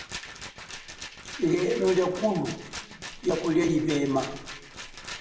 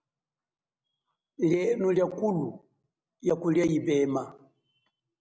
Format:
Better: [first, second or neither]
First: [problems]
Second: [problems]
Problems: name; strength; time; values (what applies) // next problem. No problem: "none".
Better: second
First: background sound (Rattle); 12 dB below the speech // room echo; dies away in 0.9 s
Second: none